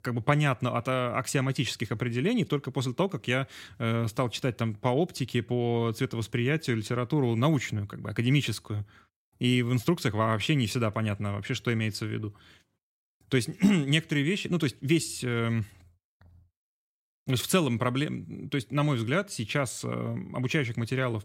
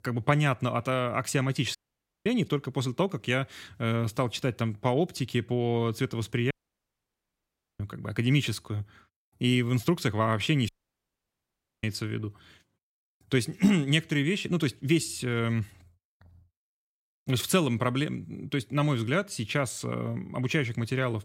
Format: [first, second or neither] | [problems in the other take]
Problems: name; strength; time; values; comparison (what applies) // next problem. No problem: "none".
first | audio cutting out; at 2 s for 0.5 s, at 6.5 s for 1.5 s and at 11 s for 1 s